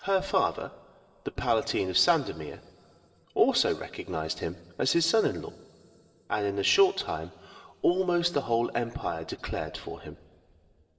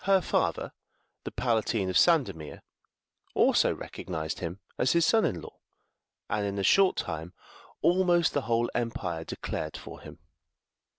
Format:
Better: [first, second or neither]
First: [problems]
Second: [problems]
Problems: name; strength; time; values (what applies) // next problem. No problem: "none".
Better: second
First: room echo; dies away in 2.3 s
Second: none